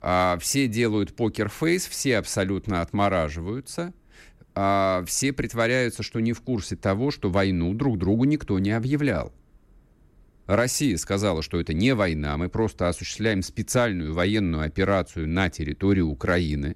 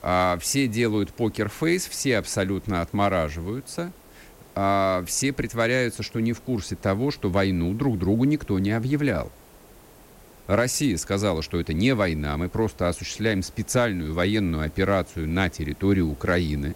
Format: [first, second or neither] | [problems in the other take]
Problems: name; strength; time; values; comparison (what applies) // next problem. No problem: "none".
first | hiss; faint; throughout; 25 dB below the speech